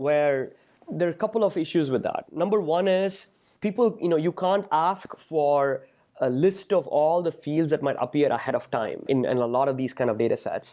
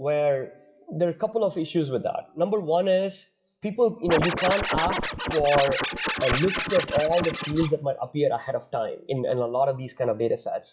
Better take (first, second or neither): first